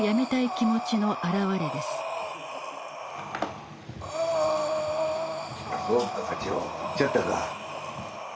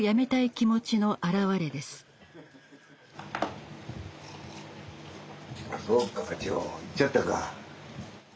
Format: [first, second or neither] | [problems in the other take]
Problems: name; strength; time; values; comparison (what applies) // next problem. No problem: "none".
second | background sound (Breathing); 2 dB below the speech